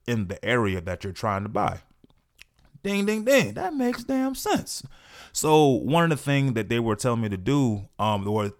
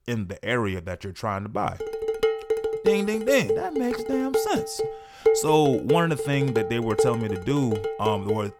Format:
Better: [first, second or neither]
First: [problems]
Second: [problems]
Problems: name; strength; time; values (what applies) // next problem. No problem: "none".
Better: first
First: none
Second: clattering dishes; loud; from 2 s on; peak 4 dB above the speech